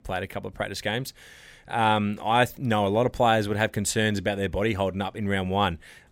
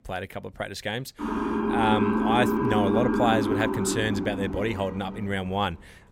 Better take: first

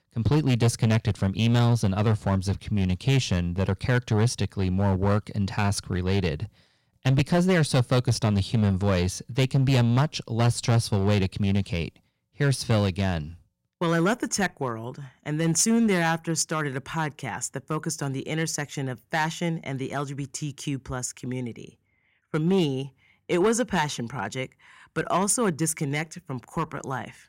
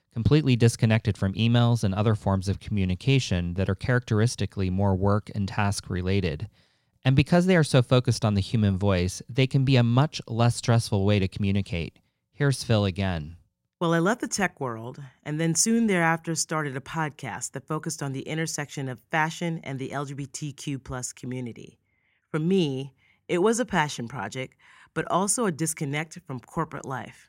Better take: second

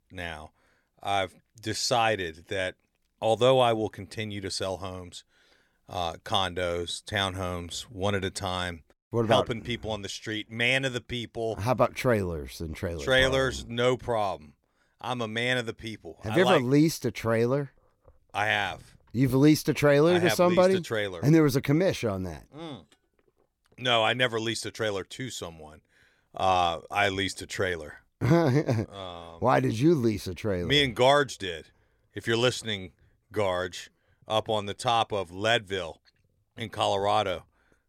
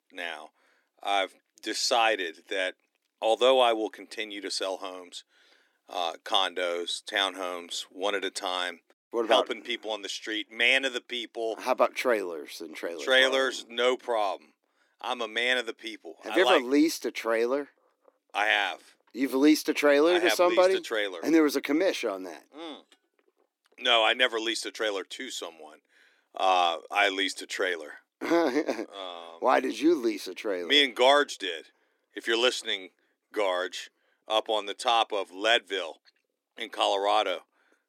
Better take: first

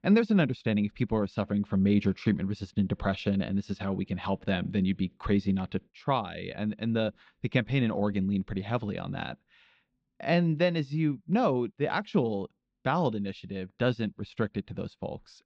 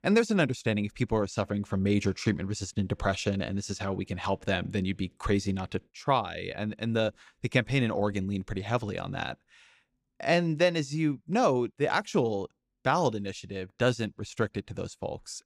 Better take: second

